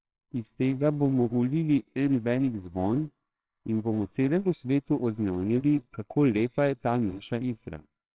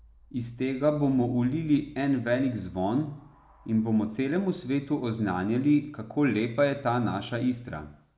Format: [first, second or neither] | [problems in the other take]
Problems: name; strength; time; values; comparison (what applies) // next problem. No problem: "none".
second | noise reduction (neural separator model SepFormer WHAMR!)